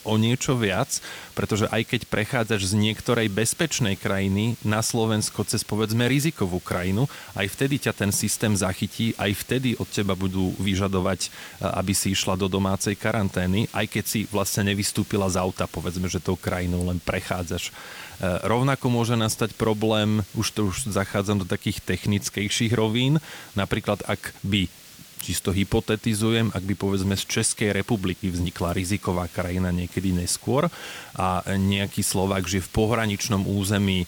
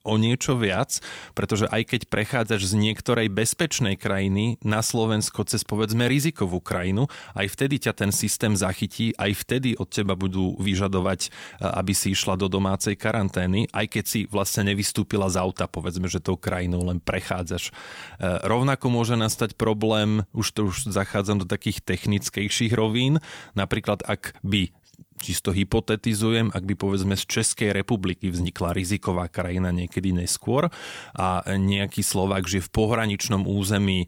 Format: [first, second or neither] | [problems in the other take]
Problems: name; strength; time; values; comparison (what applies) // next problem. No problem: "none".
second | hiss; noticeable; throughout; 20 dB below the speech